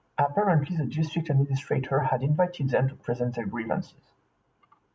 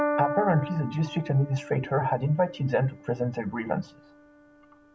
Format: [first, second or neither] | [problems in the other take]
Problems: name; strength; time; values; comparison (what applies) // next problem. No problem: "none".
first | background sound (Piano); 9 dB below the speech